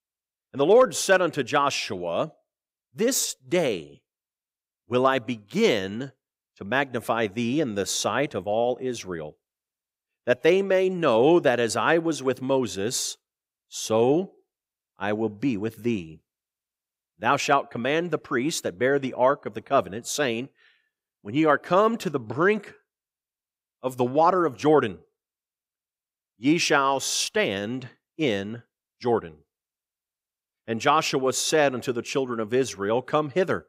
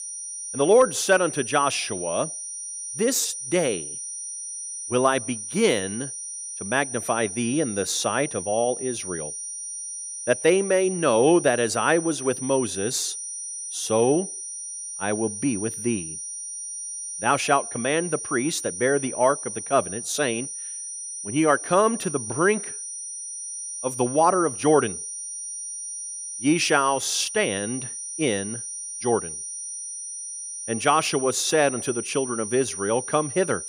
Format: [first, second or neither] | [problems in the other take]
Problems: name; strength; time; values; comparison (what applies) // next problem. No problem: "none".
first | high-pitched whine; loud; throughout; 9 kHz, 7 dB below the speech